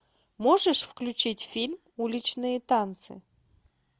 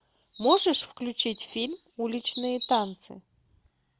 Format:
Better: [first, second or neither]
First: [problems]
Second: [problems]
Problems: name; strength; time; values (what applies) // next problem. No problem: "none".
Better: first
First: none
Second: background sound (Chirp, tweet); 10 dB below the speech